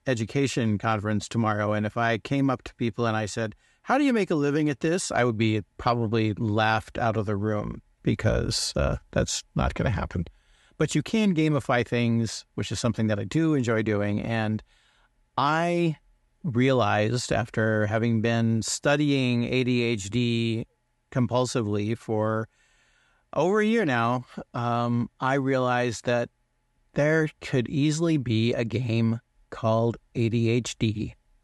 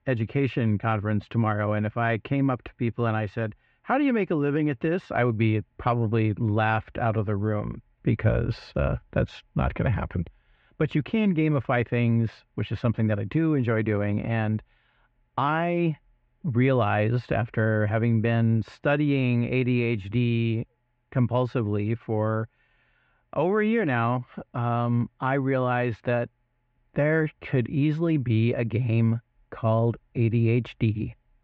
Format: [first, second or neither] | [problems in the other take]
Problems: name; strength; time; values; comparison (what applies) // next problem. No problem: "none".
first | muffled; very; fading above 2.5 kHz